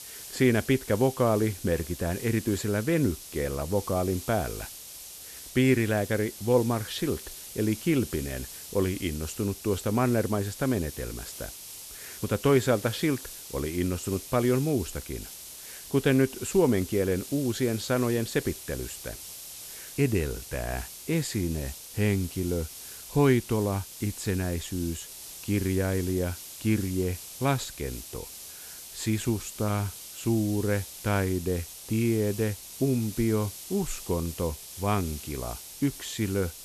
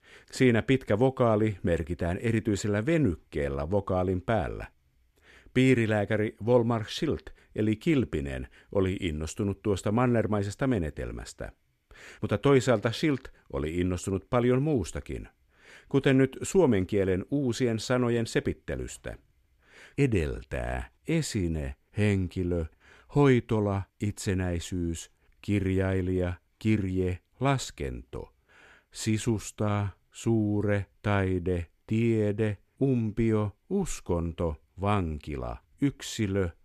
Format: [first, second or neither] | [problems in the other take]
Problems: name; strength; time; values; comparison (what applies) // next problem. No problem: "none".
second | hiss; noticeable; throughout; 10 dB below the speech